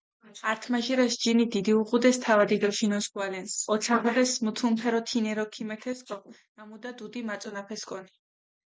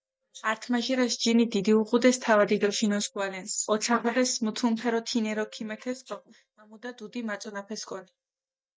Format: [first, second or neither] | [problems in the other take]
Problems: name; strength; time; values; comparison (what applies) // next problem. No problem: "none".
first | noise reduction (neural mask model DeepFilterNet 3)